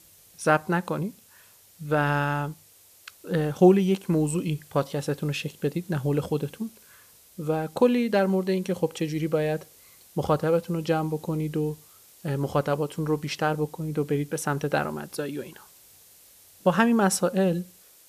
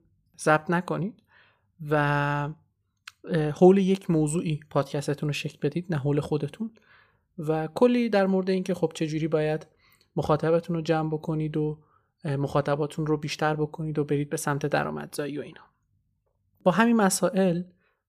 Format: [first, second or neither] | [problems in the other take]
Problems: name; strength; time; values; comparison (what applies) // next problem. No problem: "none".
second | hiss; faint; throughout; 25 dB below the speech